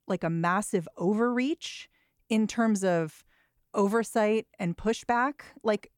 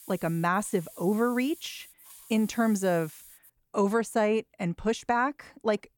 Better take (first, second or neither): first